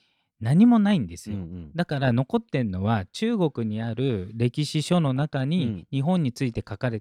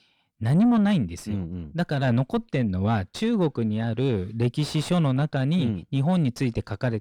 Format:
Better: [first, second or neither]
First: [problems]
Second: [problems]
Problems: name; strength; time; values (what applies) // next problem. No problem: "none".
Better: first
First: none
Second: distortion; slight; 10 dB below the speech